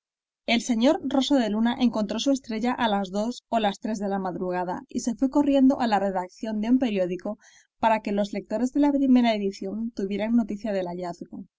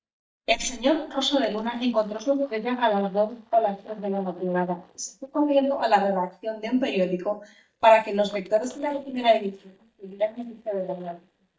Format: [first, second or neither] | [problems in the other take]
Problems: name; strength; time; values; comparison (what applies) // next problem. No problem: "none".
first | noise reduction (neural mask model DeepFilterNet 3)